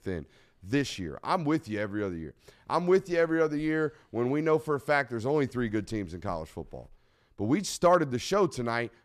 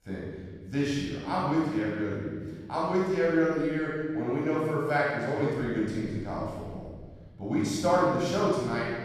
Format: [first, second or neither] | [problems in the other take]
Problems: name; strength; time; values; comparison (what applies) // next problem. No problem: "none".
first | off-mic speech; far // room echo; strong; dies away in 1.7 s